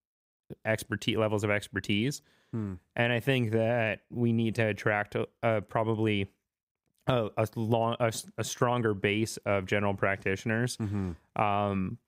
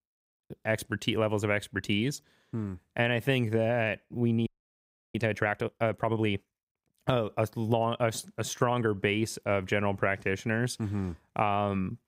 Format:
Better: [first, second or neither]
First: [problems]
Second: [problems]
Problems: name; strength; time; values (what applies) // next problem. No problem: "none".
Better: first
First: none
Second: audio freezing; at 4.5 s for 0.5 s